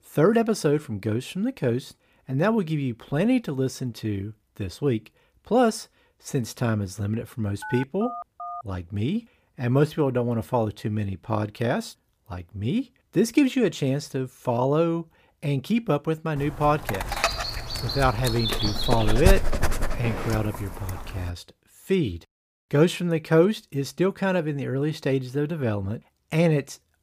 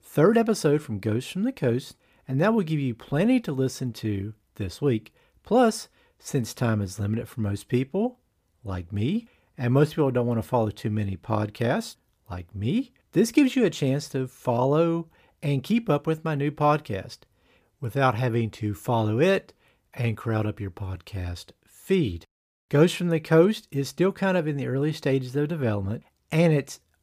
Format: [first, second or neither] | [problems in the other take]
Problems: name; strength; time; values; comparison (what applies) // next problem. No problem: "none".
second | phone ringing; faint; at 7.5 s; peak 10 dB below the speech // dog barking; loud; from 17 to 20 s; peak 2 dB above the speech